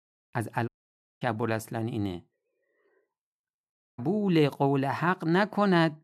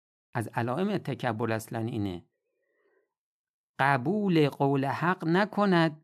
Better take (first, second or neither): second